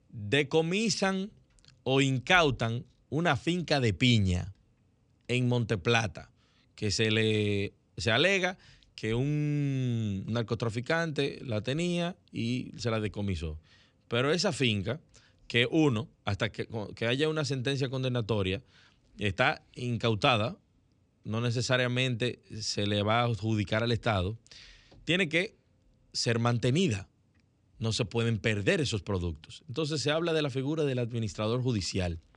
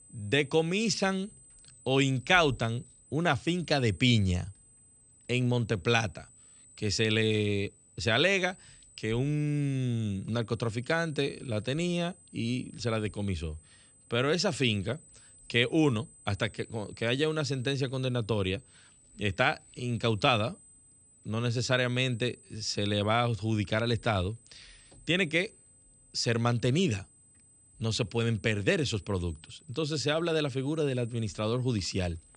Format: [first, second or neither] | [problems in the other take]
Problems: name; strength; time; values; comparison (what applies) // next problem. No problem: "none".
first | high-pitched whine; faint; throughout; 8 kHz, 25 dB below the speech